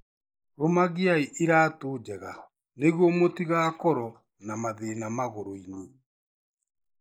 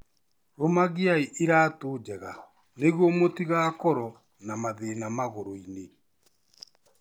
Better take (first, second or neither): second